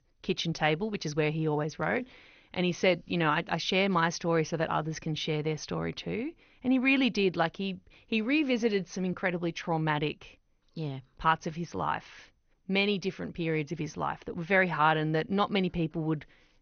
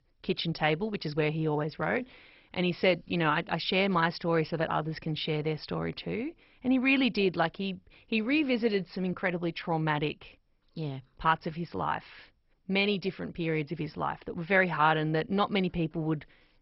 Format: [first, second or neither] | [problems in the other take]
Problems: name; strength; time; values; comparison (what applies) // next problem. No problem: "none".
first | garbled, watery; badly; nothing above 5.5 kHz; slightly in the first